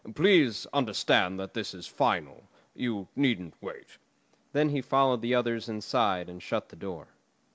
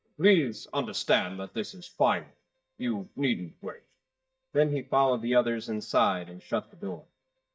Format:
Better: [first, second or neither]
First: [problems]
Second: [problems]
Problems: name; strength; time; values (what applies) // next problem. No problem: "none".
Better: first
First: none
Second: noise reduction (neural mask model DeepFilterNet 3)